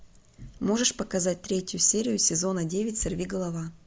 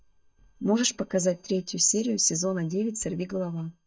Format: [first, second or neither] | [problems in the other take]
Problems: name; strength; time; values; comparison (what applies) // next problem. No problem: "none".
first | noise reduction (neural mask model DeepFilterNet 3)